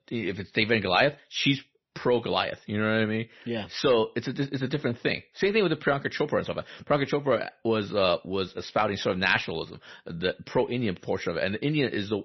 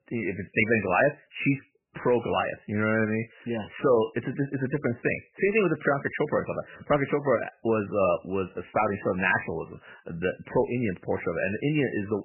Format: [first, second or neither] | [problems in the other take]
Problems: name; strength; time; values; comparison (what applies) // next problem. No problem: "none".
first | garbled, watery; badly; nothing above 3 kHz; slightly in the first